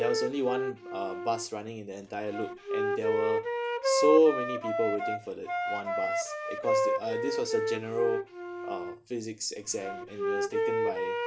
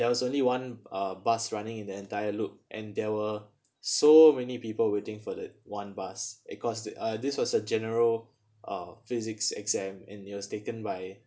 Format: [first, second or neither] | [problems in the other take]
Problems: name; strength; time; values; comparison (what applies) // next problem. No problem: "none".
second | background sound (Wind instrument, woodwind instrument); 1 dB above the speech